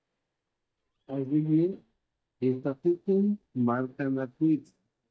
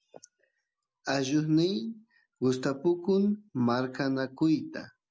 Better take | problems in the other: second | noise reduction (neural mask model DeepFilterNet 3)

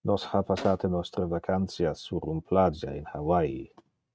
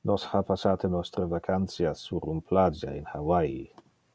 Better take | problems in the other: second | noise reduction (neural mask model RNNoise)

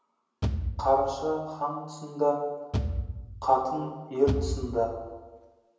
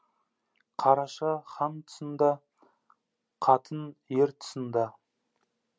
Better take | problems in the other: second | background sound (Bass drum / Thump, thud); 4 dB below the speech // room echo; dies away in 1 s

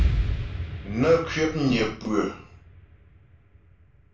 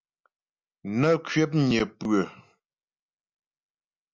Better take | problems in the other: second | background sound (Explosion); 3 dB below the speech // room echo; dies away in 0.3 s

